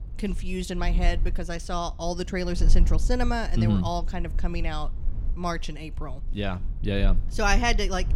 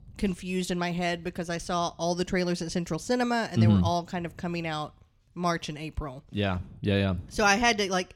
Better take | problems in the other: second | low rumble; faint; throughout; 20 dB below the speech

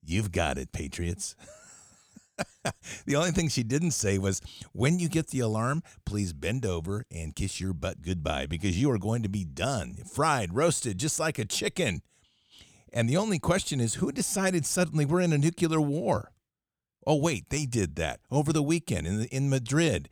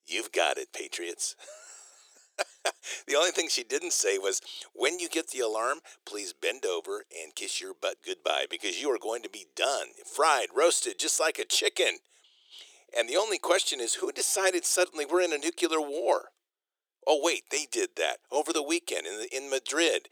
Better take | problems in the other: first | thin; very; fading below 350 Hz

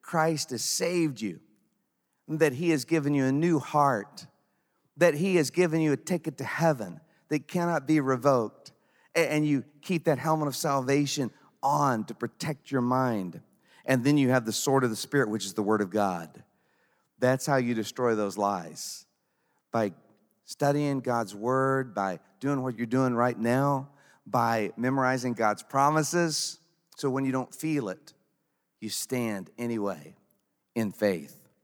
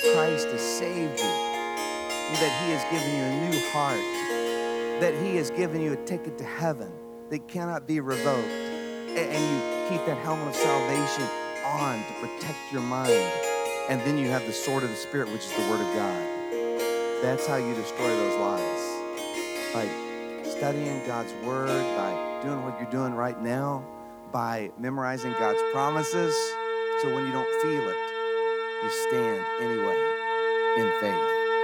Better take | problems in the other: first | background music; very loud; throughout; 2 dB above the speech

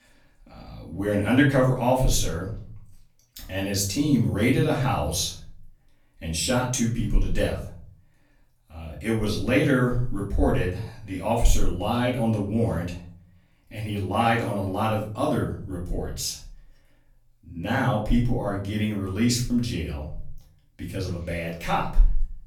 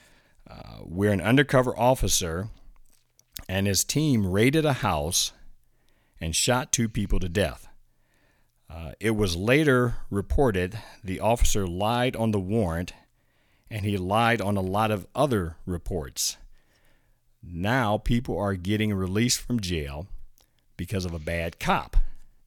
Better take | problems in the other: second | off-mic speech; far // room echo; slight; dies away in 0.5 s

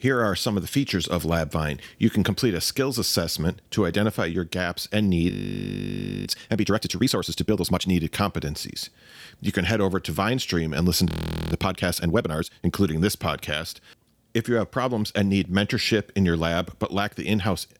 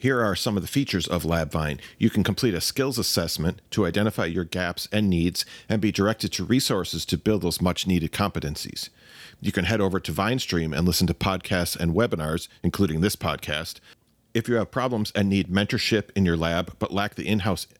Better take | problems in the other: second | audio freezing; at 5.5 s for 1 s and at 11 s

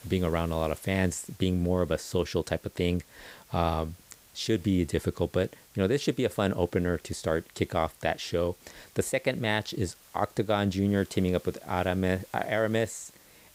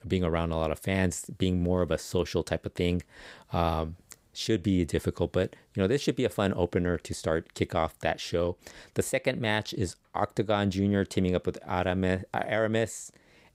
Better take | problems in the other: second | hiss; faint; throughout; 25 dB below the speech

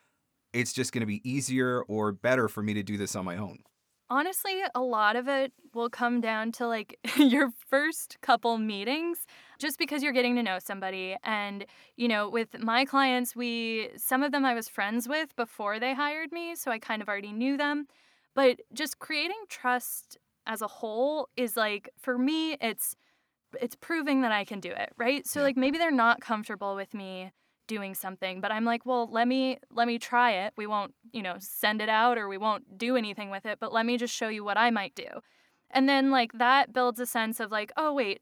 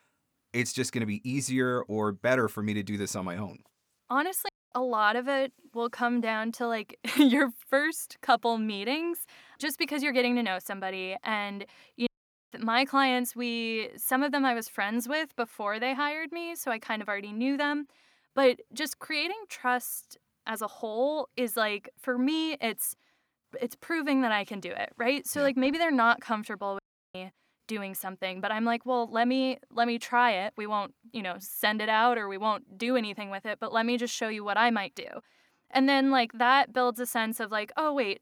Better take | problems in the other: first | audio cutting out; at 4.5 s, at 12 s and at 27 s

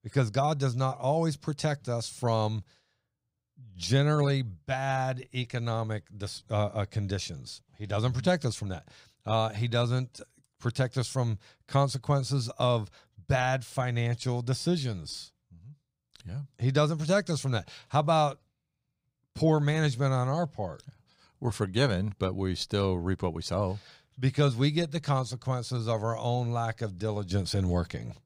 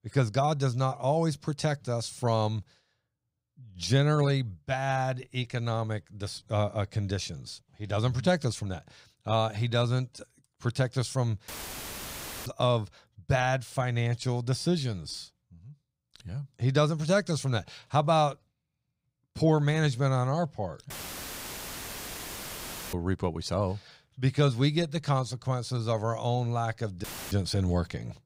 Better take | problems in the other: first | audio cutting out; filled with static; at 11 s for 1 s, at 21 s for 2 s and at 27 s

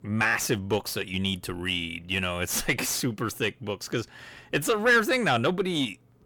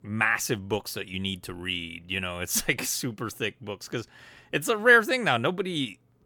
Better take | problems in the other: second | distortion; heavy; 8 dB below the speech

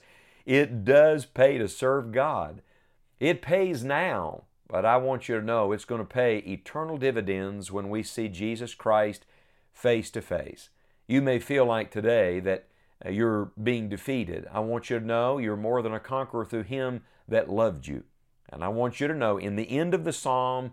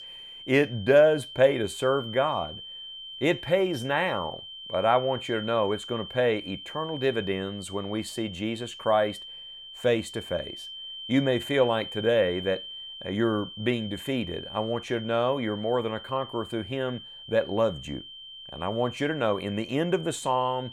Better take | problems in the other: first | high-pitched whine; noticeable; throughout; 3 kHz, 10 dB below the speech

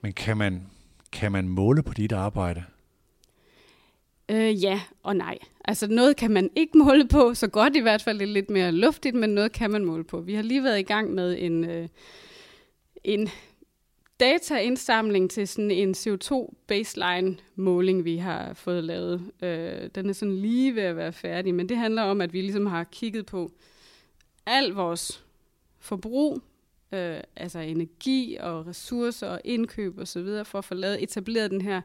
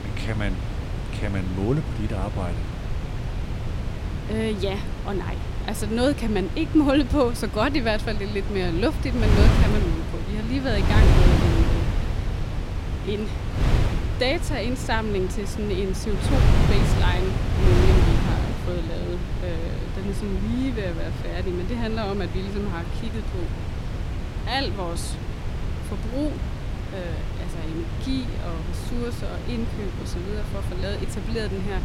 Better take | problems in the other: first | wind noise on the microphone; heavy; 4 dB below the speech

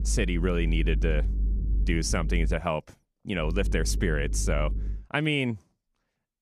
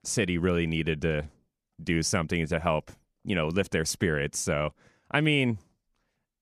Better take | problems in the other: second | low rumble; noticeable; until 2.5 s and from 3.5 to 5 s; 20 dB below the speech

